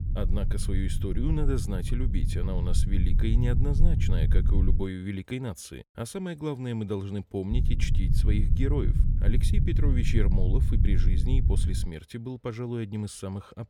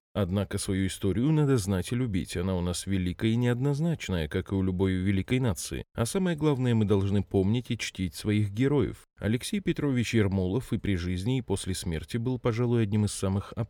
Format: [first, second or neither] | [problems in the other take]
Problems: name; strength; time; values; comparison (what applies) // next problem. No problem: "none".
second | low rumble; loud; until 5 s and from 7.5 to 12 s; 5 dB below the speech